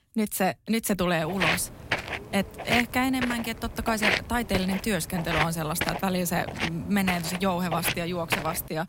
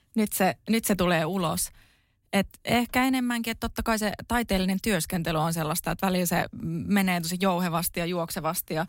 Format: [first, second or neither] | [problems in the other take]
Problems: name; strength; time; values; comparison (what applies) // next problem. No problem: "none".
second | footsteps; loud; from 1.5 s on; peak 3 dB above the speech